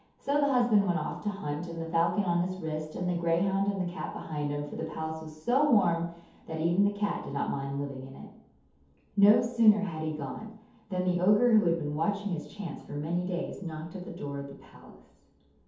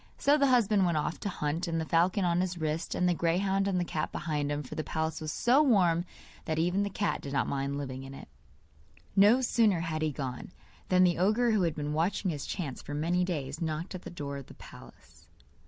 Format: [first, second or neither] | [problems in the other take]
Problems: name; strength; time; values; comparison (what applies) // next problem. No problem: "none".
second | room echo; dies away in 0.7 s